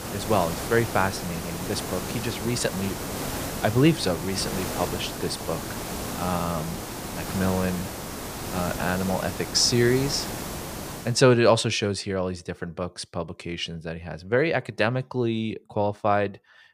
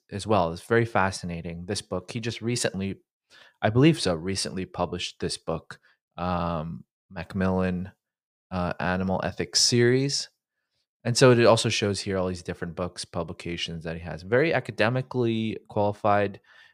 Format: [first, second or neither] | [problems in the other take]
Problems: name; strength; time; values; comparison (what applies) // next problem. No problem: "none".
second | hiss; loud; until 11 s; 7 dB below the speech